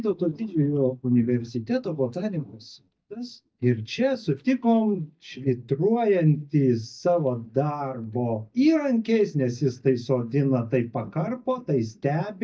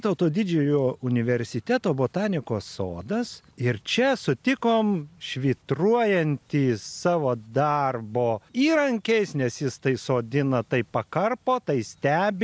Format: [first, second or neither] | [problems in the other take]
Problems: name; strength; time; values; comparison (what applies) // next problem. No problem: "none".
second | noise reduction (neural mask model DeepFilterNet 3)